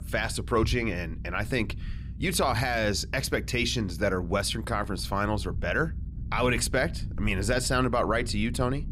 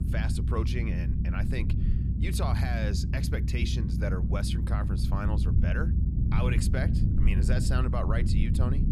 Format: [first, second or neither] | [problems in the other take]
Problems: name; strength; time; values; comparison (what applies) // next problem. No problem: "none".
first | low rumble; loud; throughout; 4 dB below the speech; faint in the first